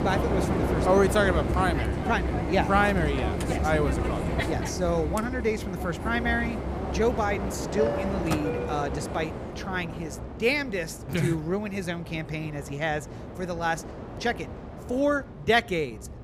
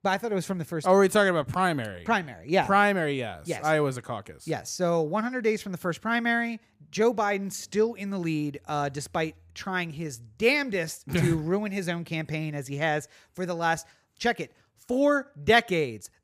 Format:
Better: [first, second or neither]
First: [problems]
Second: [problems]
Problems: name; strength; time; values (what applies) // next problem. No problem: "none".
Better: second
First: train or aircraft noise; loud; throughout; 3 dB below the speech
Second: none